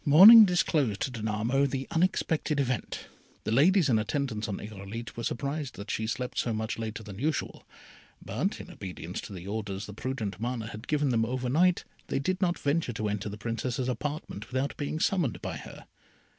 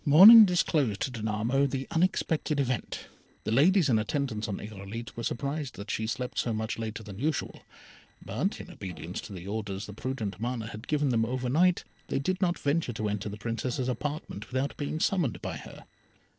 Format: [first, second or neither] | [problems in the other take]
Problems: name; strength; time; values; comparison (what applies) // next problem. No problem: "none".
first | noise reduction (neural separator model SepFormer DNS4)